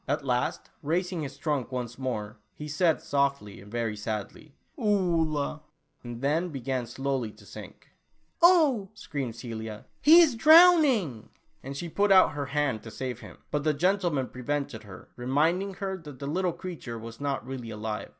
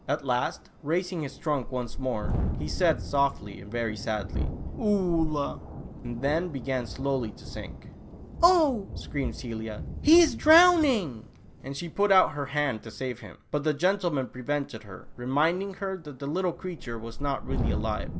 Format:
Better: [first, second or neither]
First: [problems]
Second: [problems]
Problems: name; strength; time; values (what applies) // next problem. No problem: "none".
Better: first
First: none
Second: background sound (Thunderstorm); 8 dB below the speech